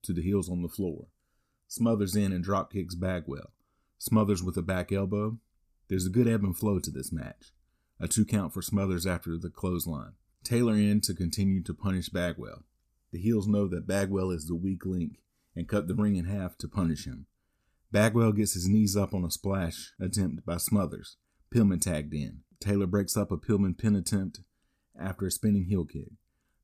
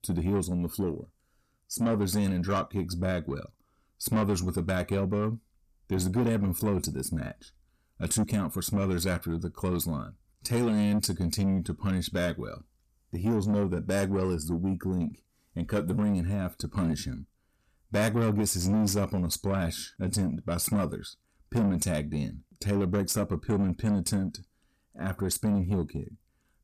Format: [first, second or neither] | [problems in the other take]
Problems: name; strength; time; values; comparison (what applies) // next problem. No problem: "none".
first | distortion; slight; 10 dB below the speech